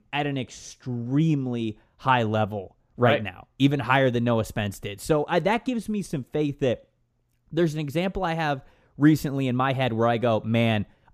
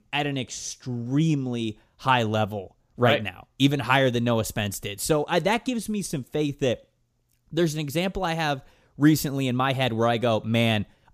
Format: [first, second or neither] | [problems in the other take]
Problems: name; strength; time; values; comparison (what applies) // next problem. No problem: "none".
second | muffled; slightly; fading above 3 kHz